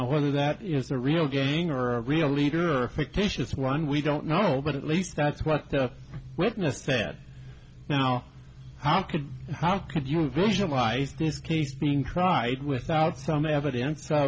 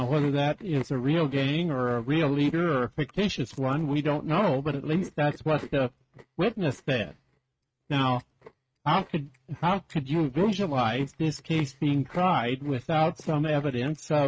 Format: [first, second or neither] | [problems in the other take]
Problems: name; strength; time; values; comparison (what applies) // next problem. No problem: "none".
first | noise reduction (neural mask model RNNoise)